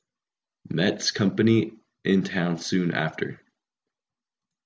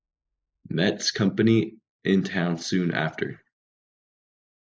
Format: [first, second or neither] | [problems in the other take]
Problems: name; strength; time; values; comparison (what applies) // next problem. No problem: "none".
first | noise reduction (neural mask model Resemble Enhance denoiser)